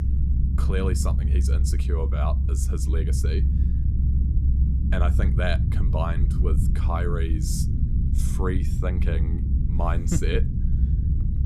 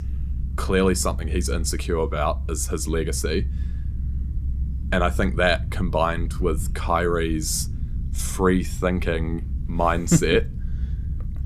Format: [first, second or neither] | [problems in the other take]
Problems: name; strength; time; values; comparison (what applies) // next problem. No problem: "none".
second | low rumble; loud; throughout; 6 dB below the speech; faint in the second